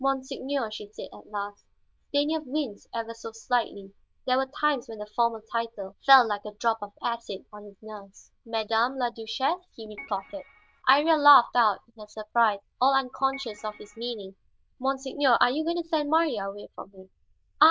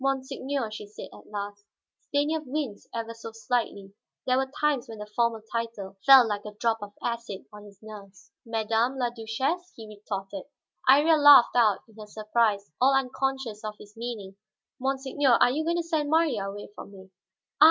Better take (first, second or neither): second